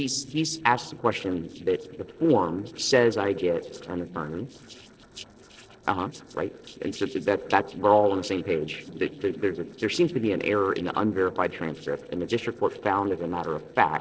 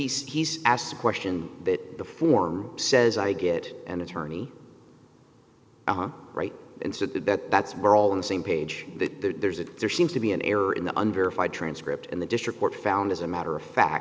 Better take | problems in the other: second | noise reduction (neural separator model SepFormer DNS4)

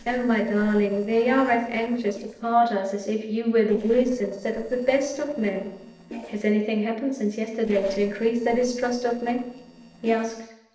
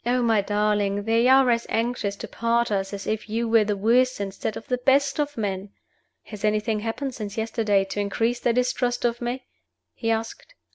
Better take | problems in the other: second | noise reduction (neural separator model SepFormer DNS4)

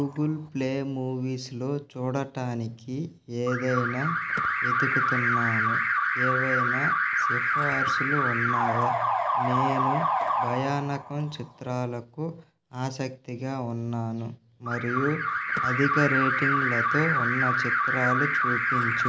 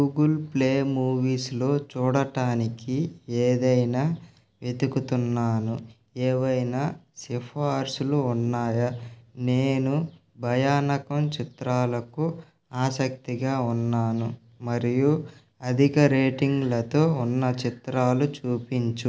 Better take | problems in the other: second | background sound (Alarm); 3 dB above the speech

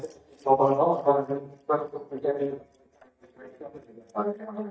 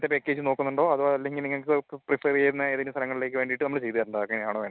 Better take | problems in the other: second | noise reduction (neural mask model DeepFilterNet 3)

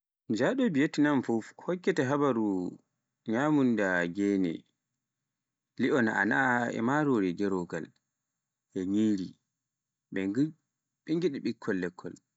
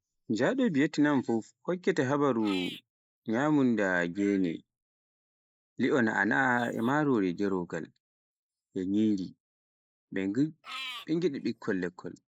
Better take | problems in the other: first | noise reduction (neural mask model Resemble Enhance denoiser)

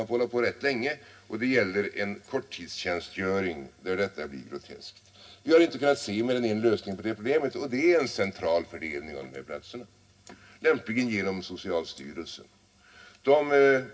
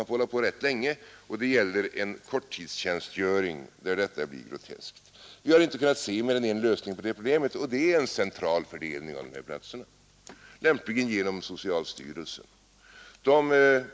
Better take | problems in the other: second | room echo; dies away in 0.4 s

